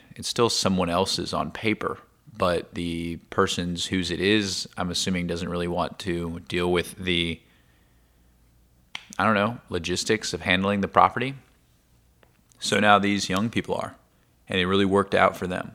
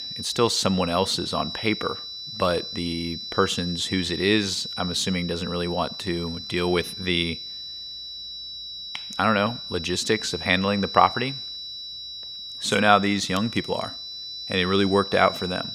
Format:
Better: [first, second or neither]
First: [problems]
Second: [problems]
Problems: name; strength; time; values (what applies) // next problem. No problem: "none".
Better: first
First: none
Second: high-pitched whine; loud; throughout; 4 kHz, 8 dB below the speech